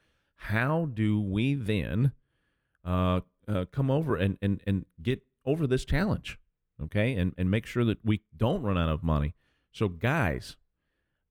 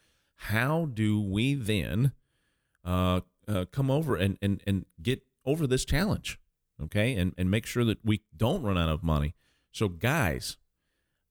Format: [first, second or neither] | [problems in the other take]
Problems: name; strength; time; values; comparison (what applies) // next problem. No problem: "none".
second | muffled; slightly; fading above 3.5 kHz